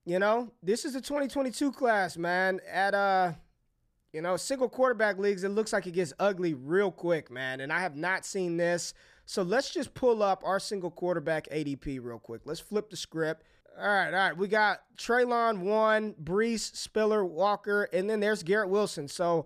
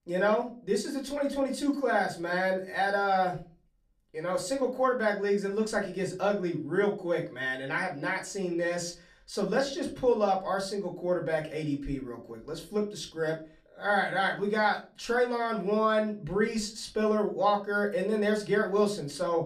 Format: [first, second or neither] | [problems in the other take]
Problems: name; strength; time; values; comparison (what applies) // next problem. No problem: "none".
first | off-mic speech; far // room echo; very slight; dies away in 0.3 s